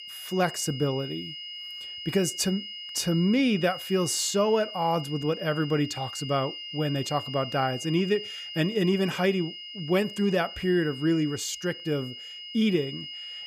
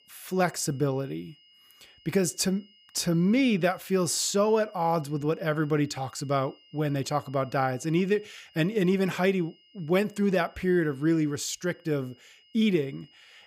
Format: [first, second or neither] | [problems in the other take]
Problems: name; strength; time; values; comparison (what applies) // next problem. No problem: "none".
second | high-pitched whine; loud; throughout; 3 kHz, 10 dB below the speech; faint in the second